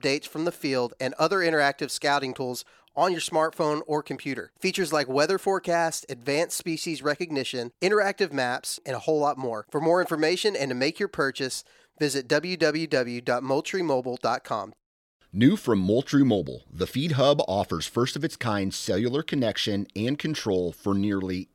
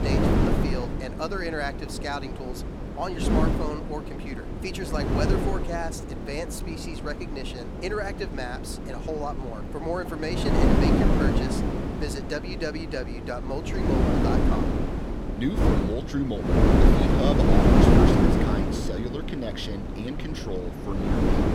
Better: first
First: none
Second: wind noise on the microphone; heavy; 4 dB above the speech

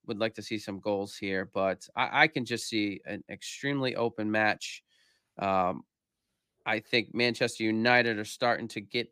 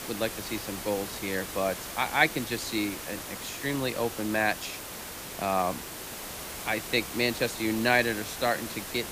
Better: first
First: none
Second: hiss; loud; throughout; 8 dB below the speech

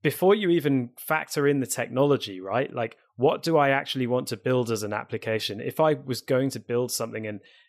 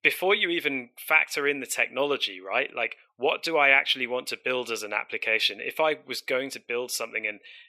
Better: first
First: none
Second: thin; somewhat; fading below 400 Hz

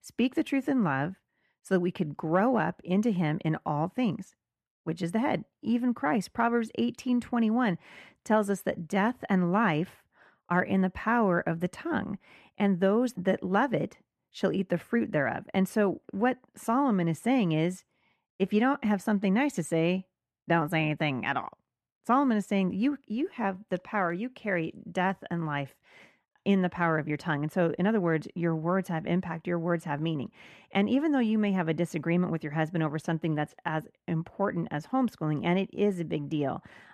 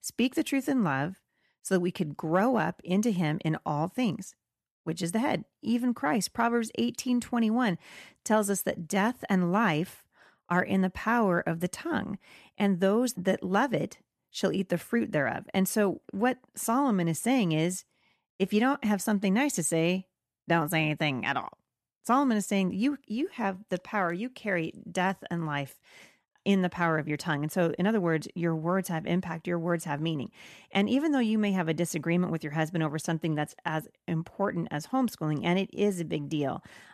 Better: second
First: muffled; slightly; fading above 3.5 kHz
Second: none

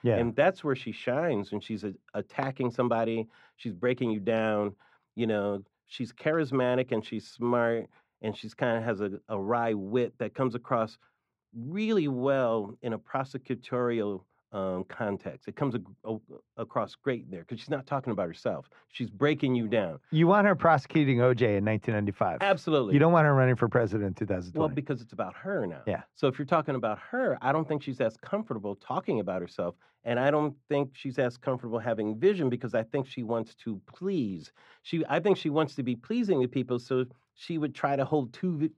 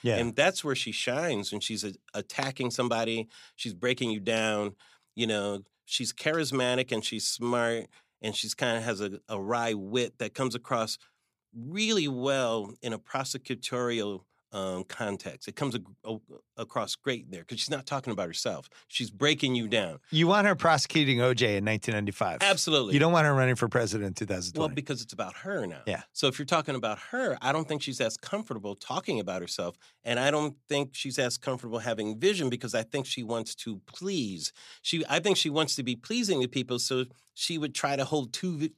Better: second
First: muffled; very; fading above 3.5 kHz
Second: none

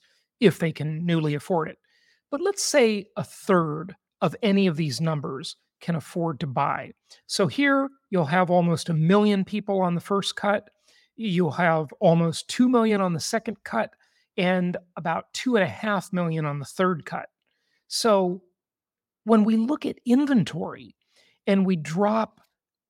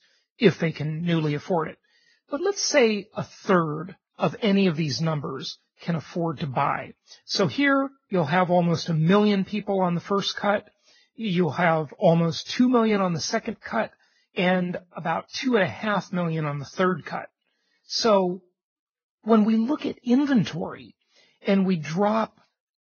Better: first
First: none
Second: garbled, watery; badly; nothing above 6.5 kHz

